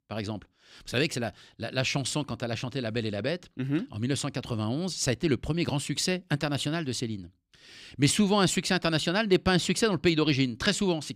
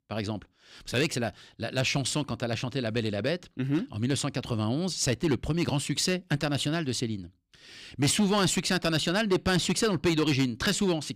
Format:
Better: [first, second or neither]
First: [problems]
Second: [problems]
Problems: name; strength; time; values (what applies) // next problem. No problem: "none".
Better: first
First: none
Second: distortion; slight; 4% of the sound clipped